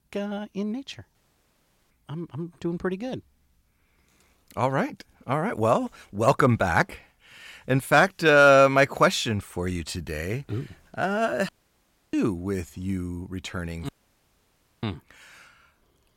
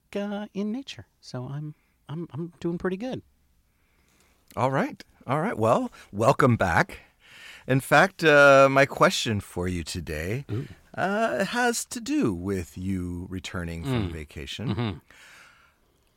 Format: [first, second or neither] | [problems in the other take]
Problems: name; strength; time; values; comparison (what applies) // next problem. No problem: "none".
second | audio cutting out; at 1 s for 1 s, at 11 s for 0.5 s and at 14 s for 1 s